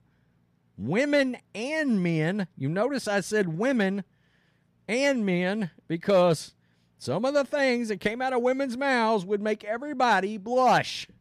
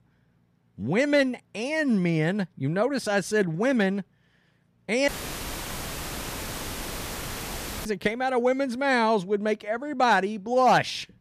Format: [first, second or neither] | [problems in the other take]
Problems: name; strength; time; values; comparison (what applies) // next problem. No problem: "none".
first | audio cutting out; filled with static; at 5 s for 3 s